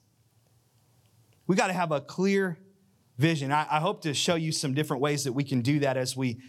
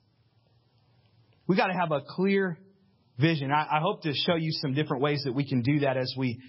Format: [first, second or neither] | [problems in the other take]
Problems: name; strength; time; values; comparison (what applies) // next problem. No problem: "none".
first | garbled, watery; badly; nothing above 5.5 kHz